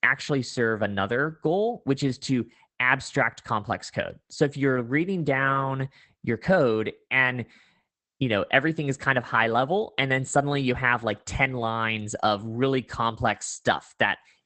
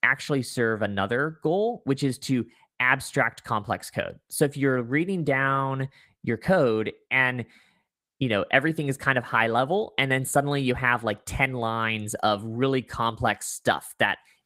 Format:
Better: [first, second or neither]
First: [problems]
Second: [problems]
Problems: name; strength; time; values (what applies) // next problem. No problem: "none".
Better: second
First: garbled, watery; badly; nothing above 8 kHz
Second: garbled, watery; slightly; nothing above 15.5 kHz